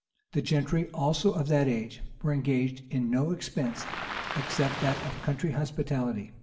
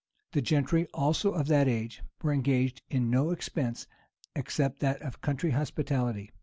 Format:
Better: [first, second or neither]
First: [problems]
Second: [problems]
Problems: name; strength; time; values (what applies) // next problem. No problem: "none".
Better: second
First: background sound (Waves, surf); 8 dB below the speech // room echo; dies away in 0.7 s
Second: none